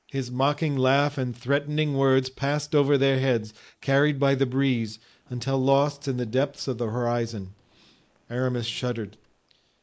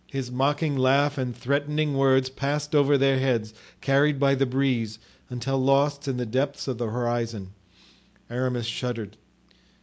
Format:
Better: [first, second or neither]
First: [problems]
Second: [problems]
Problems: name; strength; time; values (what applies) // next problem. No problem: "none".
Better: second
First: noise reduction (neural mask model Resemble Enhance denoiser)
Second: none